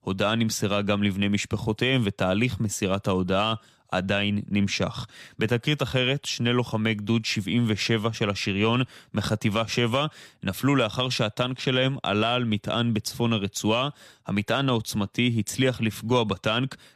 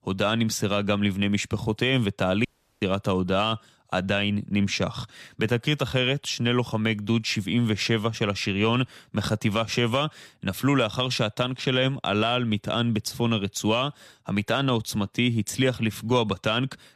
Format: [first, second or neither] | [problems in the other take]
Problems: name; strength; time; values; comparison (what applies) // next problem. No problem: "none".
first | audio cutting out; at 2.5 s